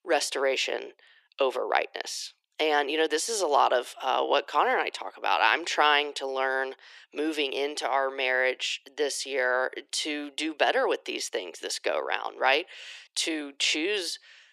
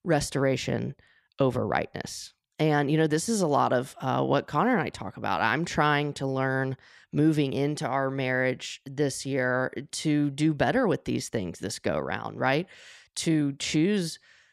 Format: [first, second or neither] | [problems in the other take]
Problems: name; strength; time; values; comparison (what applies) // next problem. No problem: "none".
second | thin; very; fading below 350 Hz